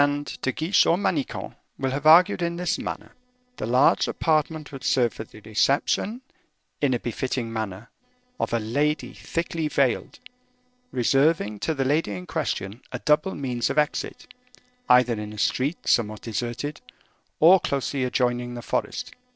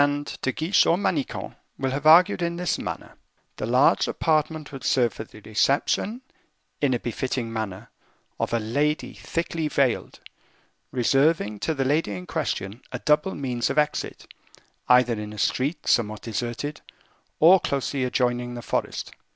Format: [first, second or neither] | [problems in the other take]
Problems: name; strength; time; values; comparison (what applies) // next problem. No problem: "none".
second | noise reduction (neural separator model SepFormer DNS4)